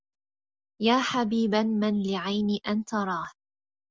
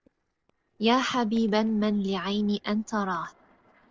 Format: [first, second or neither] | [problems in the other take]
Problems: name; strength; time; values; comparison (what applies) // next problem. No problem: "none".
first | noise reduction (neural separator model SepFormer DNS4)